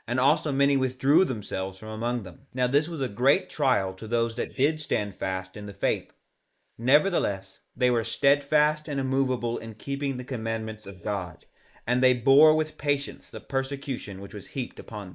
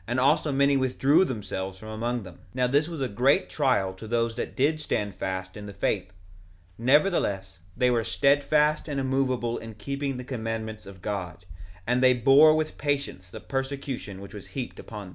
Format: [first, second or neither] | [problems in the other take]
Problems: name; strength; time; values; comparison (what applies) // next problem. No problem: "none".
second | noise reduction (neural mask model Resemble Enhance denoiser)